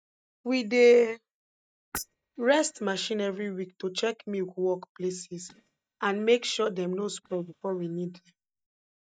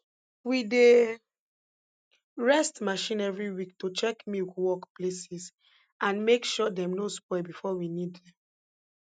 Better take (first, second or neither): second